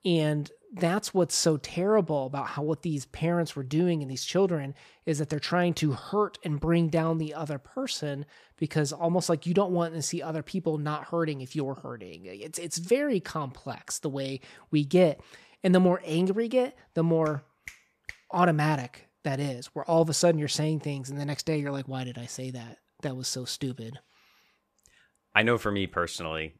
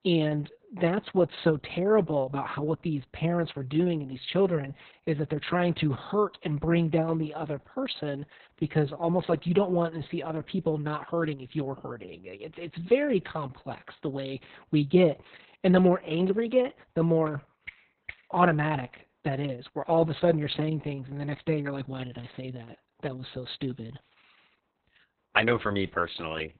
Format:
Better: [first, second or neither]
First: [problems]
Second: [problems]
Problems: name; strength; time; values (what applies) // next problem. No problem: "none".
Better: first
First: none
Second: garbled, watery; badly; nothing above 4 kHz